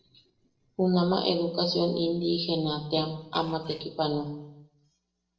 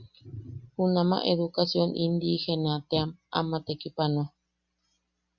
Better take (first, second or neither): second